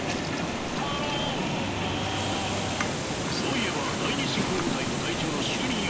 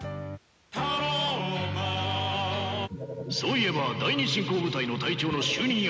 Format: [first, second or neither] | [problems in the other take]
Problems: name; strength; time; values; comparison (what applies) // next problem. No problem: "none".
second | background sound (Water + Toilet flush / Water tap, faucet); 3 dB above the speech